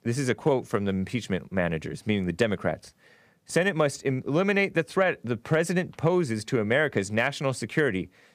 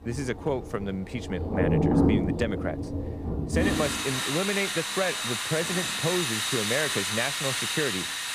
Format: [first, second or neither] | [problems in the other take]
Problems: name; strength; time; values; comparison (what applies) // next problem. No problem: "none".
first | rain or running water; very loud; throughout; 3 dB above the speech